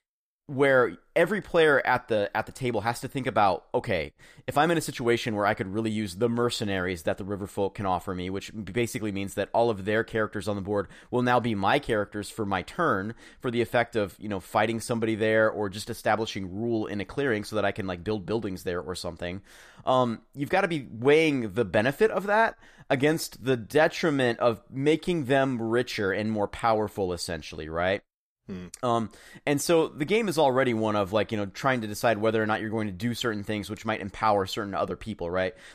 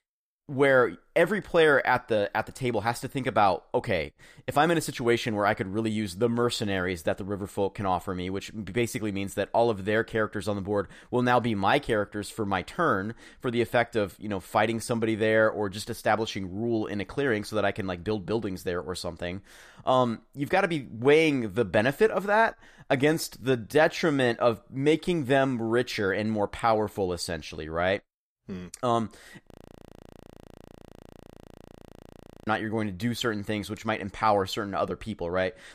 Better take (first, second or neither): first